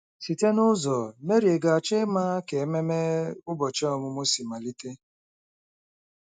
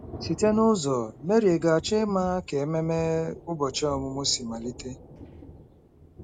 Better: first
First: none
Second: background sound (Thunder); 17 dB below the speech

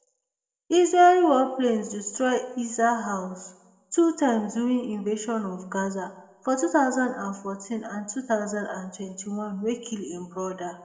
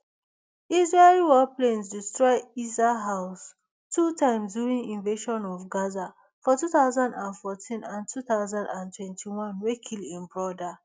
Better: second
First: room echo; dies away in 0.7 s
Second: none

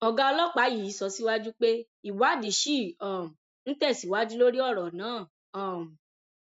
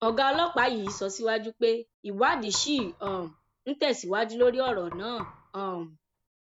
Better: first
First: none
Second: background sound (Knock); 18 dB below the speech

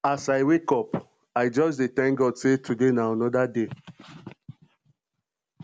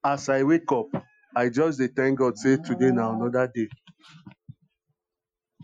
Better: first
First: none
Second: noise reduction (classical method Wiener filter)

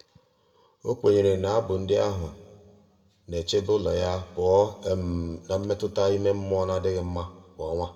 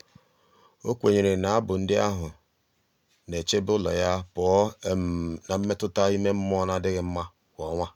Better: second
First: room echo; dies away in 1.2 s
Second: none

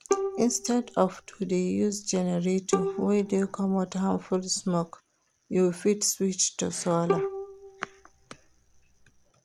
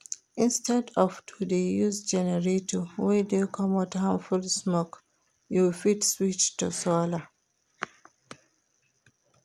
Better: second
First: background sound (Bowed string instrument); 7 dB below the speech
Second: none

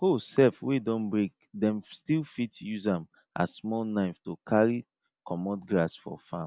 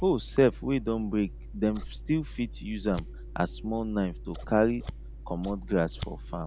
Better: first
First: none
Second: background sound (Scissors); 11 dB below the speech

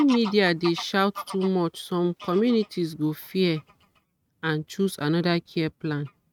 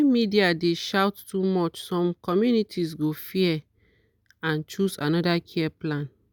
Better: second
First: noise reduction (neural mask model RNNoise)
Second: none

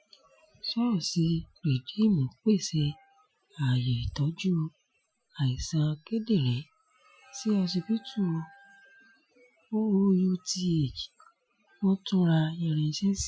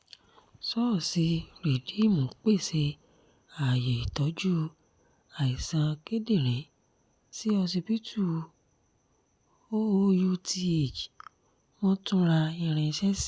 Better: second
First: noise reduction (classical method Wiener filter)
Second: none

